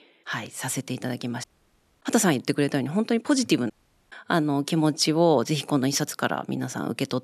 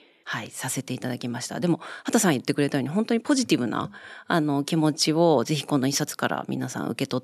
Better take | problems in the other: second | audio cutting out; at 1.5 s for 0.5 s and at 3.5 s

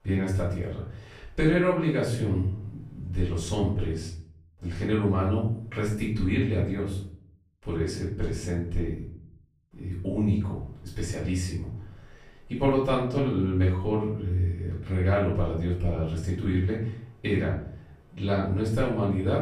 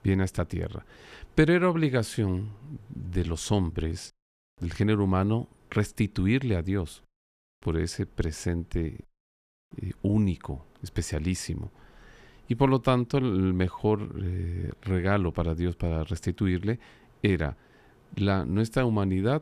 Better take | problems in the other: second | off-mic speech; far // room echo; noticeable; dies away in 0.5 s

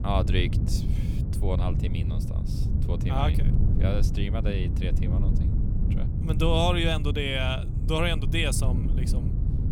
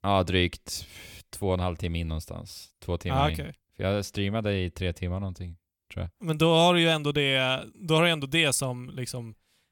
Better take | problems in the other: second | wind noise on the microphone; heavy; 10 dB below the speech

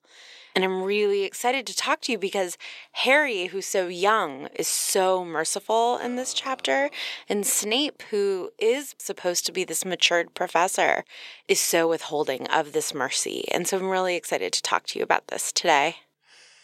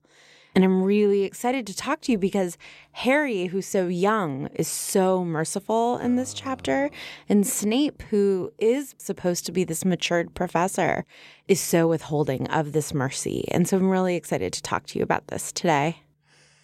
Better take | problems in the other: second | thin; somewhat; fading below 450 Hz

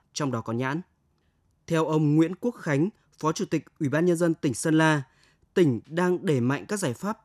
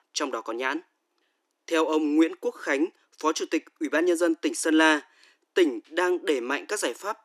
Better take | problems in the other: first | thin; somewhat; fading below 300 Hz

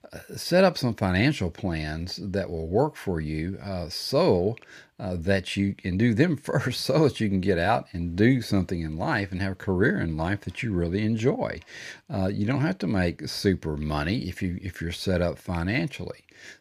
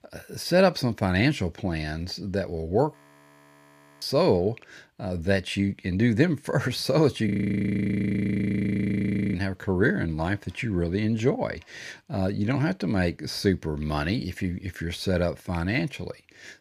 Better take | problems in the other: first | audio freezing; at 3 s for 1 s and at 7.5 s for 2 s

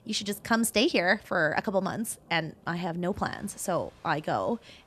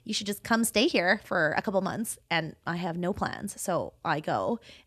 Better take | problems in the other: second | rain or running water; faint; throughout; 30 dB below the speech

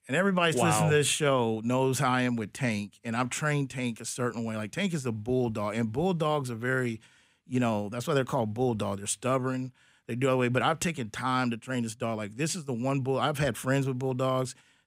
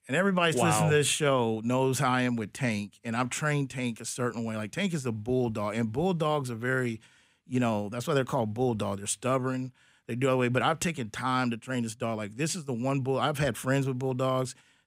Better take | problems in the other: neither | none

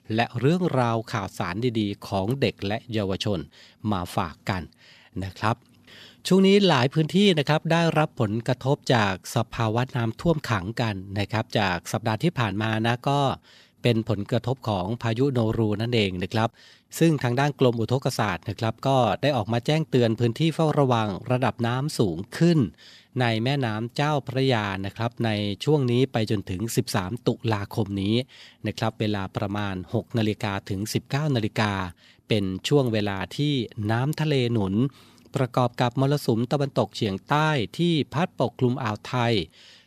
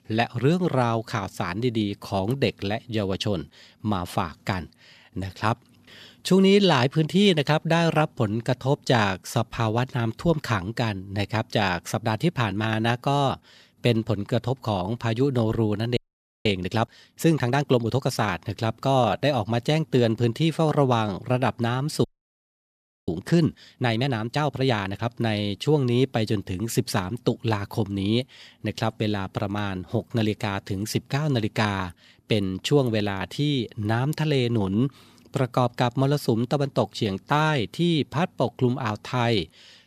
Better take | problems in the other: first | audio freezing; at 16 s and at 22 s for 1 s

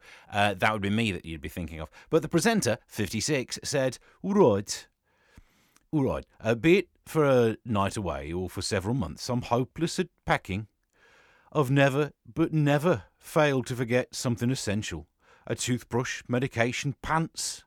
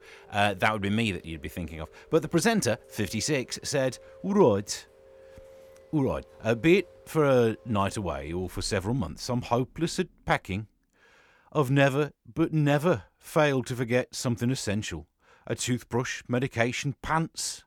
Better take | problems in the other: first | rain or running water; faint; until 10 s; 25 dB below the speech

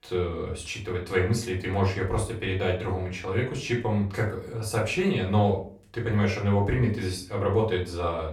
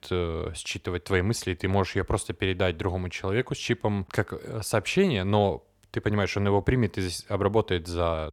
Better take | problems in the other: second | off-mic speech; far // room echo; slight; dies away in 0.3 s

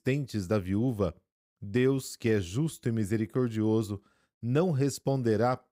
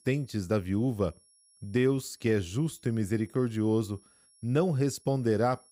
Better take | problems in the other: first | high-pitched whine; faint; throughout; 10.5 kHz, 30 dB below the speech

